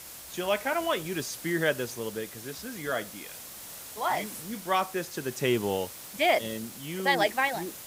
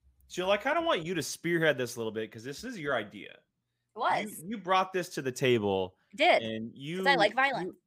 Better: second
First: hiss; noticeable; throughout; 10 dB below the speech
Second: none

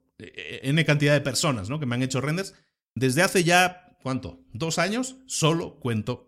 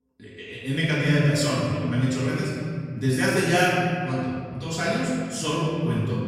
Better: first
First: none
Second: off-mic speech; far // room echo; strong; dies away in 2.1 s

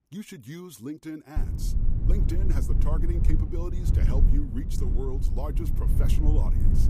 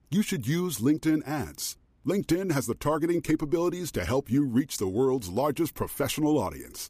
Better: second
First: low rumble; loud; from 1.5 s on; 2 dB below the speech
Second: none

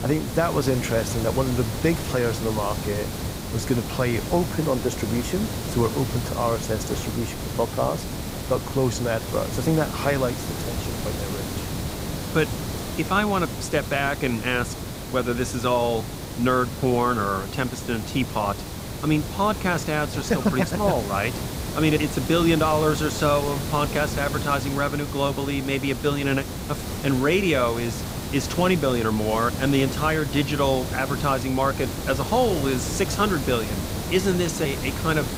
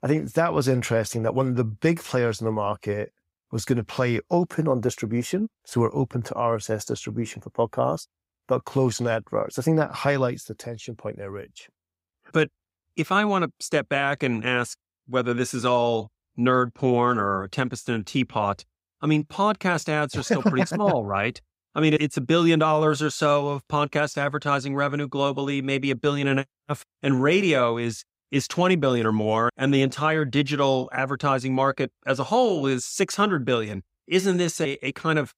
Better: second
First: hiss; loud; throughout; 6 dB below the speech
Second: none

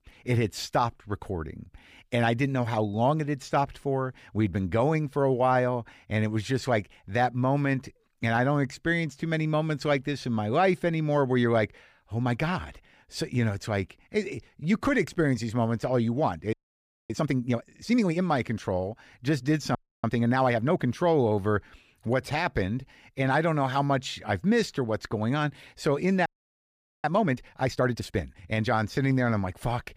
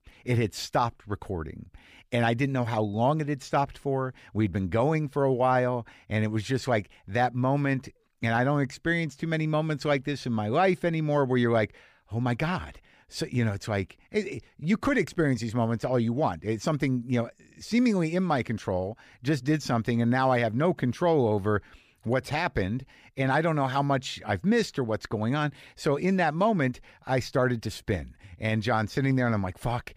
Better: second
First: audio freezing; at 17 s for 0.5 s, at 20 s and at 26 s for 1 s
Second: none

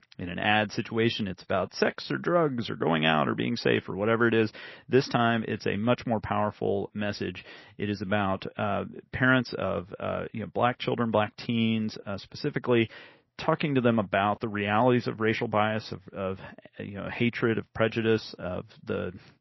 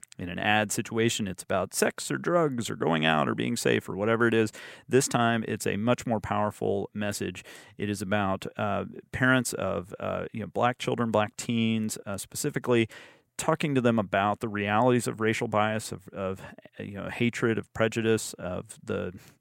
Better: second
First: garbled, watery; slightly; nothing above 5.5 kHz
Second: none

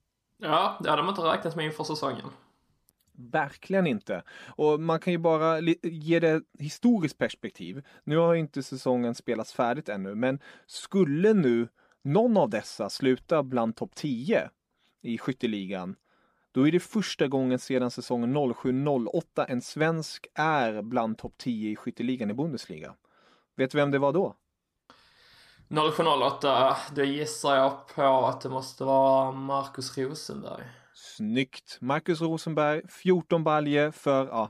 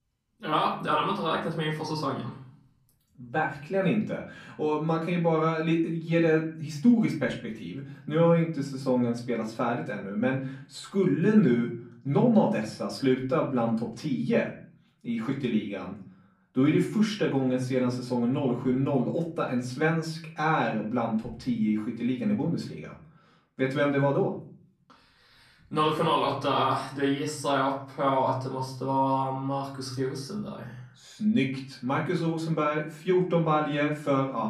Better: first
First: none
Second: off-mic speech; far // room echo; slight; dies away in 0.6 s

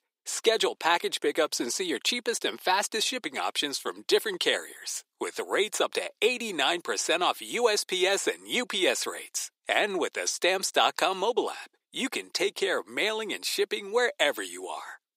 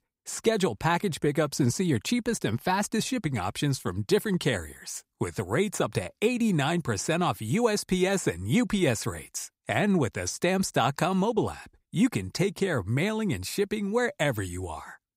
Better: second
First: thin; very; fading below 350 Hz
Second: none

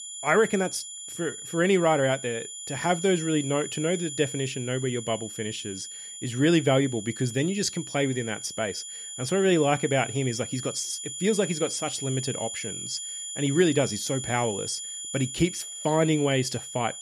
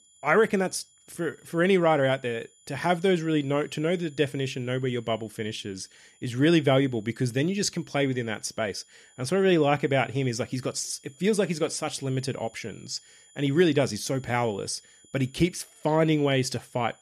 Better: second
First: high-pitched whine; loud; throughout; 7 kHz, 8 dB below the speech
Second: high-pitched whine; faint; throughout; 7 kHz, 30 dB below the speech

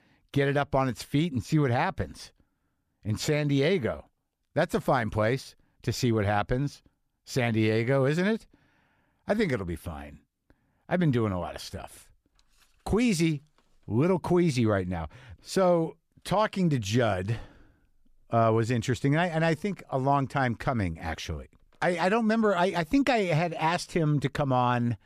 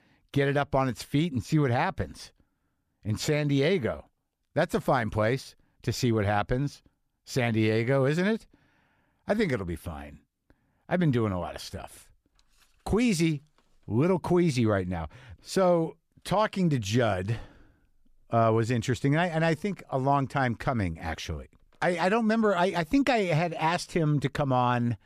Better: neither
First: none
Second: none

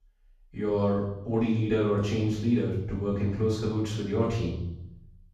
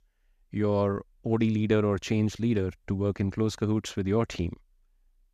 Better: second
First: room echo; noticeable; dies away in 0.8 s // off-mic speech; far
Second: none

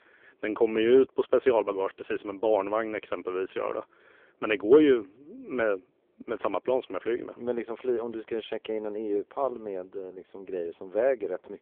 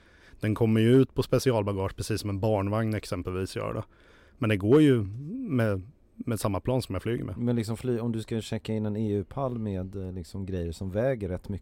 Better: second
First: phone-call audio; poor line; nothing above 3.5 kHz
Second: none

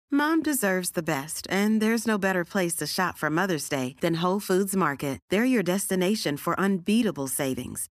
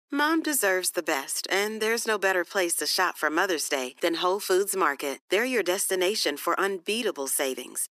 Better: first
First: none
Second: thin; somewhat; fading below 350 Hz

